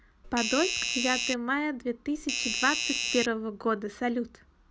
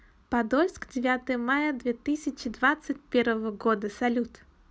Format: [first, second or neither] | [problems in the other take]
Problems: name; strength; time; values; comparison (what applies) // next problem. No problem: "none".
second | background sound (Doorbell); as loud as the speech